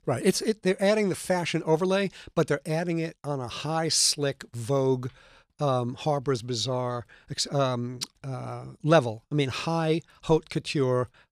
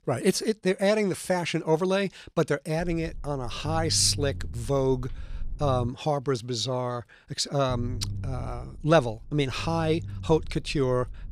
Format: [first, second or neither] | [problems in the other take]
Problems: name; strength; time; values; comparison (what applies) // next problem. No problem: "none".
first | low rumble; faint; from 3 to 6 s and from 7.5 s on; 25 dB below the speech